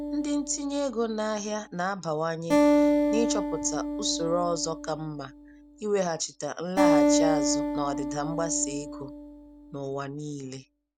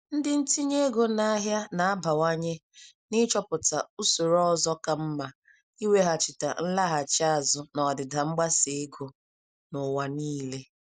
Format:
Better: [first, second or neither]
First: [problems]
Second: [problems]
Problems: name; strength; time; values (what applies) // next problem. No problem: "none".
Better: second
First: background sound (Acoustic guitar); 3 dB above the speech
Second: none